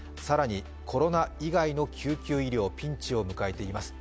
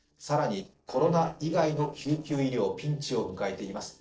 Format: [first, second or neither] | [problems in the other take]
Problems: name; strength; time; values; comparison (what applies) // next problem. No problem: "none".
first | noise reduction (neural separator model SepFormer DNS4)